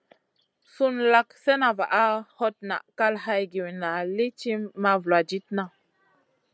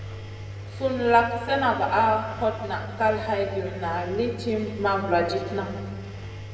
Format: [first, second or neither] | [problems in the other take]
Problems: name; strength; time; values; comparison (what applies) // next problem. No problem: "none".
first | background sound (Engine); 10 dB below the speech // room echo; dies away in 1.8 s